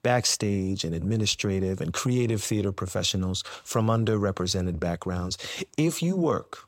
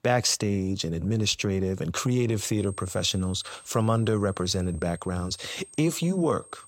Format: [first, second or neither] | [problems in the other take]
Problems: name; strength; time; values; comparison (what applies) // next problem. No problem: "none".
first | high-pitched whine; noticeable; from 2.5 s on; 8.5 kHz, 20 dB below the speech